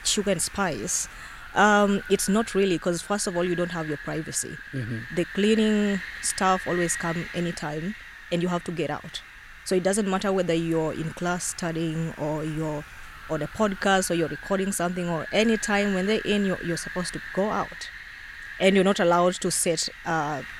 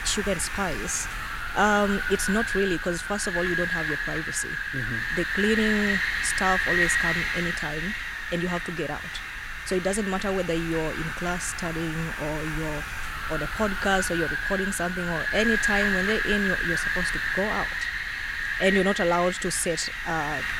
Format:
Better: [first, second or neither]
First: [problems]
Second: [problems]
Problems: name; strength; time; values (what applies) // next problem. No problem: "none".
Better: first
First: wind noise on the microphone; occasional gusts; 10 dB below the speech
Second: wind noise on the microphone; heavy; 3 dB above the speech